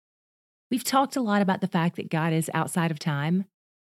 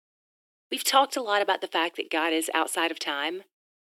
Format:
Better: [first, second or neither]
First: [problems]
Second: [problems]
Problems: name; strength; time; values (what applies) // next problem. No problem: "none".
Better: first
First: none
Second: thin; very; fading below 300 Hz